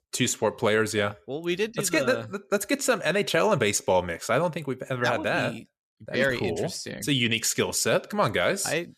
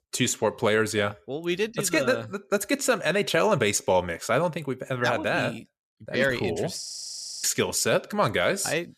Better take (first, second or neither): first